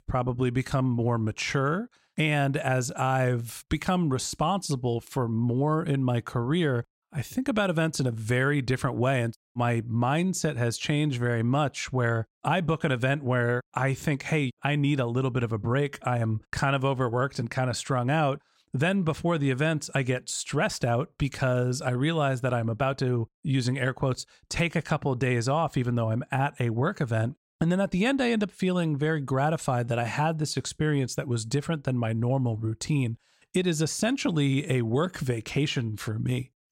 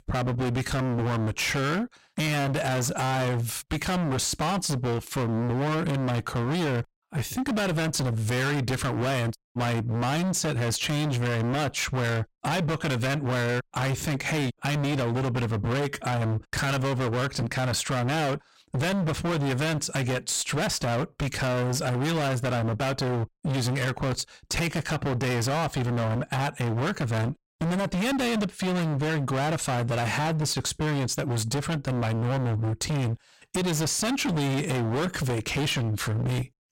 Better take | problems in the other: first | distortion; heavy; 43% of the sound clipped

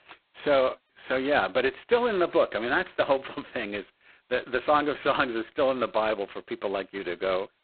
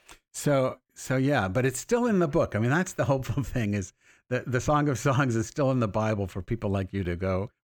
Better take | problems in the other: second | phone-call audio; poor line; nothing above 4 kHz

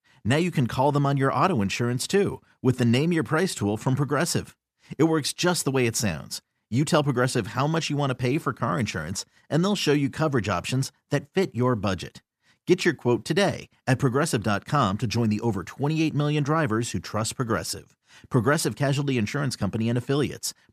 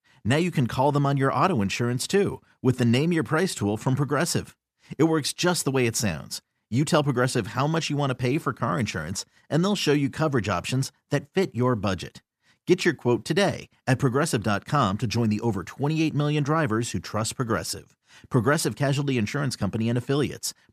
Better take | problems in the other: neither | none

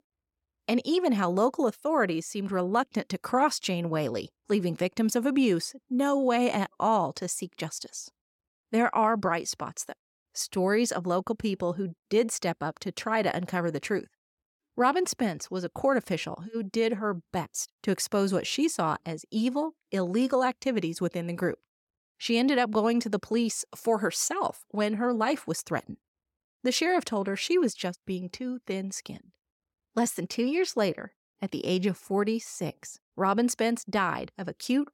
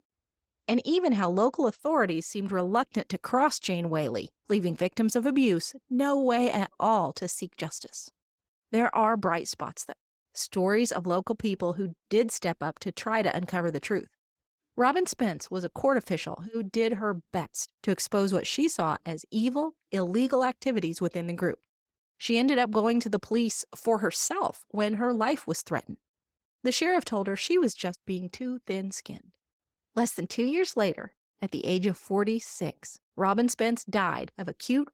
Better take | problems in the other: first | garbled, watery; slightly; nothing above 17 kHz

